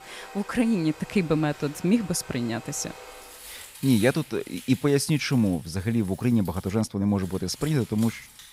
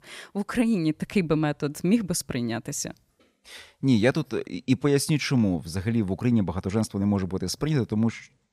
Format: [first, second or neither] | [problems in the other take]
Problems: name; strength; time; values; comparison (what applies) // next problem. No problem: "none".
second | household noises; noticeable; throughout; 15 dB below the speech